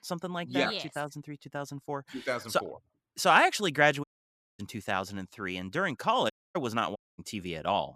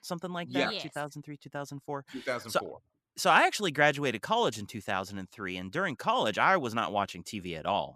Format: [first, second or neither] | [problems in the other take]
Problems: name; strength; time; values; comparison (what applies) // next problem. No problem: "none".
second | audio cutting out; at 4 s for 0.5 s, at 6.5 s and at 7 s